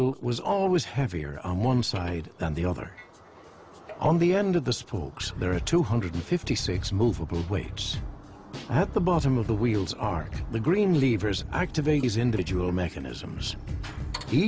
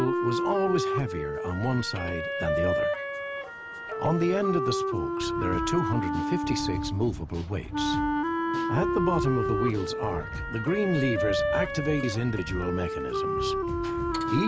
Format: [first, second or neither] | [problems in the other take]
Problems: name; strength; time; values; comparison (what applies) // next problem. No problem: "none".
first | background sound (Wind instrument, woodwind instrument); as loud as the speech